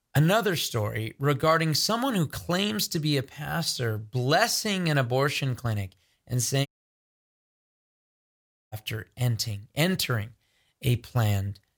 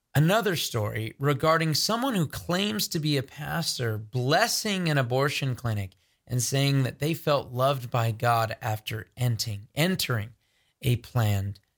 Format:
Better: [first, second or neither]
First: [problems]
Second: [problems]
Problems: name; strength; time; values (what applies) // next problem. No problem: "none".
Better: second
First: audio cutting out; at 6.5 s for 2 s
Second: none